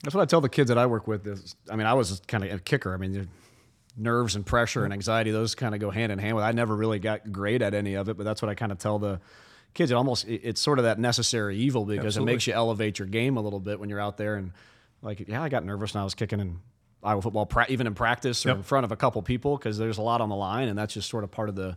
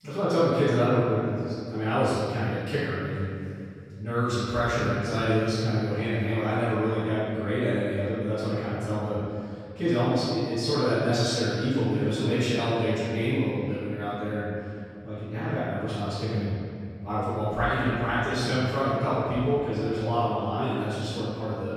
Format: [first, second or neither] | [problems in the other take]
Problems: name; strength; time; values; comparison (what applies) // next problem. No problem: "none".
first | off-mic speech; far // room echo; strong; dies away in 2.4 s